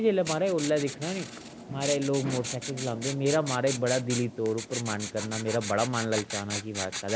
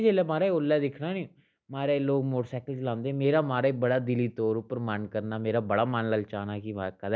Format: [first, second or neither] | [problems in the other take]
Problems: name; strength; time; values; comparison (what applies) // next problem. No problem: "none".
second | background sound (Writing); 8 dB below the speech